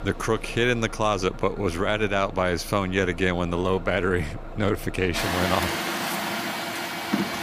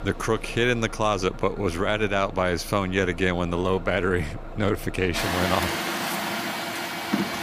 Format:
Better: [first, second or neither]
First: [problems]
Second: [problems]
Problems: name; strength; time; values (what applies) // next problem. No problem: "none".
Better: neither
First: traffic noise; loud; throughout; 6 dB below the speech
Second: traffic noise; loud; throughout; 6 dB below the speech